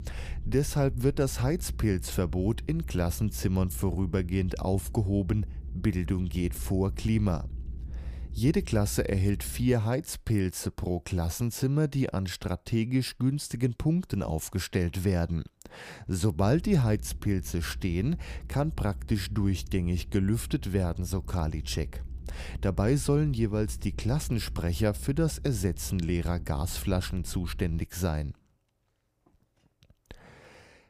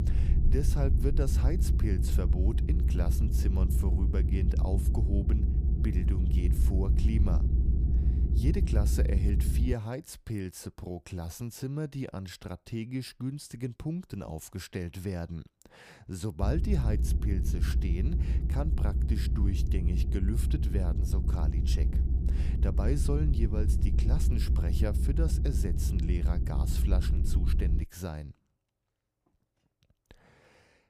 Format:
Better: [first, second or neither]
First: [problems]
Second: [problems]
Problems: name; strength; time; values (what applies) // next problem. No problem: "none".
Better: first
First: low rumble; faint; until 9.5 s and from 16 to 28 s; 25 dB below the speech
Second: low rumble; loud; until 9.5 s and from 16 to 28 s; 4 dB below the speech